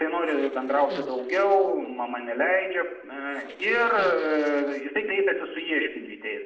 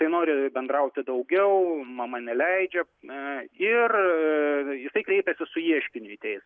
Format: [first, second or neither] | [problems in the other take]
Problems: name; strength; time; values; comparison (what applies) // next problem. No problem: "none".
second | noise reduction (neural separator model SepFormer DNS4)